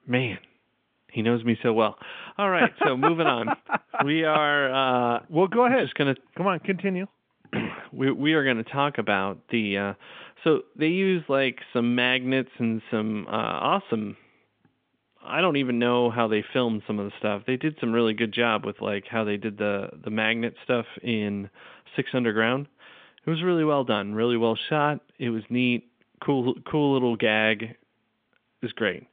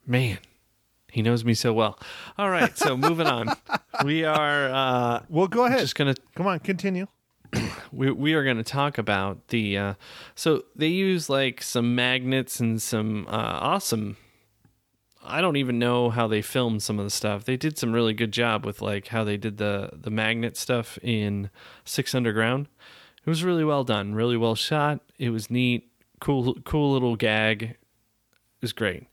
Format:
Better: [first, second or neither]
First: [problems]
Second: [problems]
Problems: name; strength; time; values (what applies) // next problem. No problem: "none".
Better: second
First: phone-call audio; nothing above 3.5 kHz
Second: none